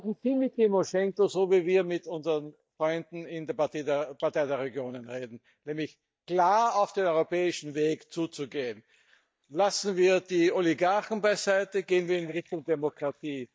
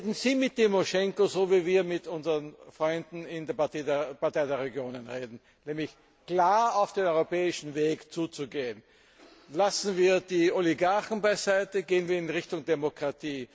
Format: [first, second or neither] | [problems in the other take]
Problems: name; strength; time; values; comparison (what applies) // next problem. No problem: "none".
second | noise reduction (neural mask model DeepFilterNet 3)